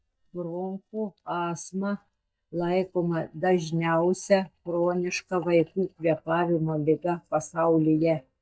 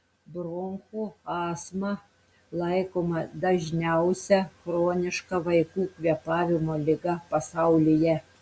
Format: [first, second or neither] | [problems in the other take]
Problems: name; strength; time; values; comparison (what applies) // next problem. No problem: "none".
second | noise reduction (neural mask model DeepFilterNet 3)